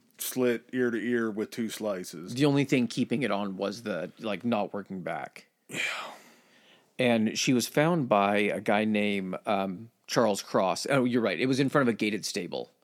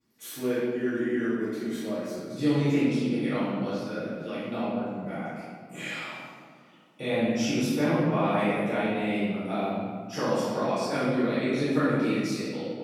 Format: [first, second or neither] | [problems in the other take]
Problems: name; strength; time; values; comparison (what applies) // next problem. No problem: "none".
first | room echo; strong; dies away in 1.9 s // off-mic speech; far